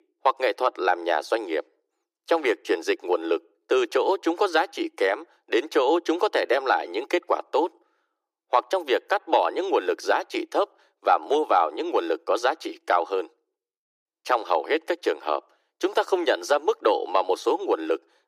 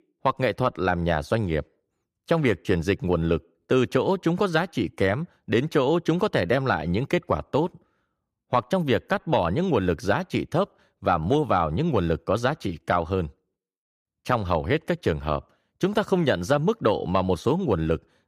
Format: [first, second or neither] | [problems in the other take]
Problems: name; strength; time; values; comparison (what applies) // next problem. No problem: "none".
second | thin; very; fading below 300 Hz